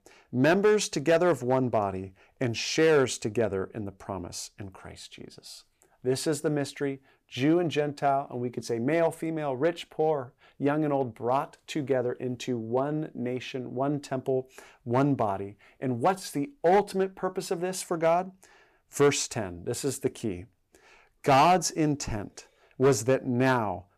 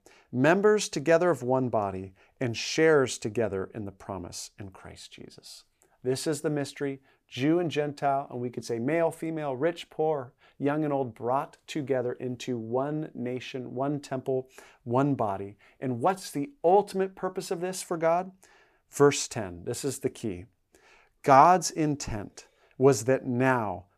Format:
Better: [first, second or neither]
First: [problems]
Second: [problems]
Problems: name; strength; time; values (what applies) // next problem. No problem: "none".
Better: second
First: distortion; slight; 1.8% of the sound clipped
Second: none